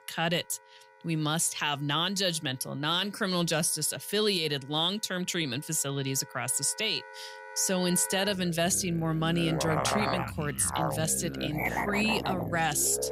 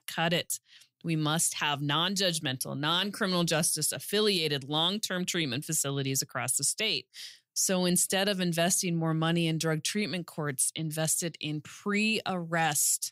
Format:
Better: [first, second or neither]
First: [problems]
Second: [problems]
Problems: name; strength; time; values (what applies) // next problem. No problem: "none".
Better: second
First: background music; loud; throughout; 7 dB below the speech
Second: none